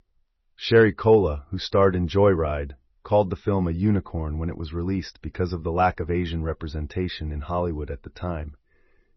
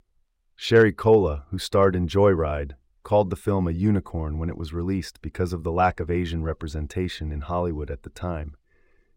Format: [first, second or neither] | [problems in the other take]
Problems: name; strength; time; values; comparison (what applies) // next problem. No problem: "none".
second | garbled, watery; slightly; nothing above 6 kHz